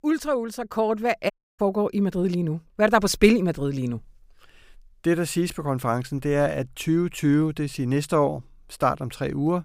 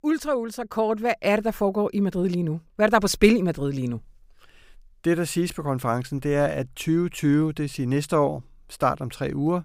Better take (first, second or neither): second